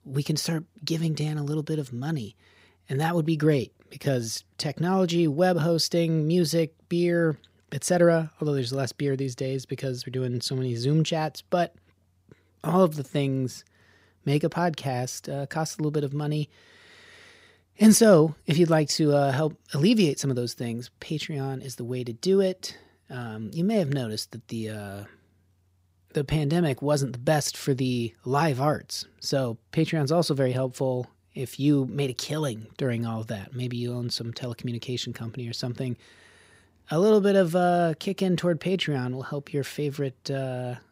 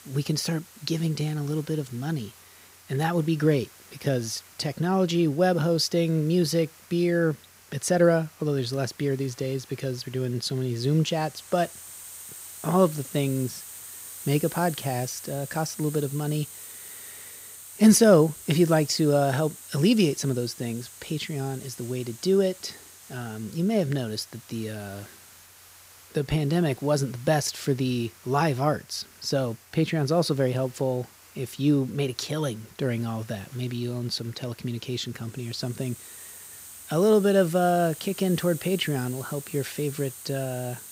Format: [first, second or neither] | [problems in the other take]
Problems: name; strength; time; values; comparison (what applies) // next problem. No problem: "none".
first | hiss; noticeable; throughout; 15 dB below the speech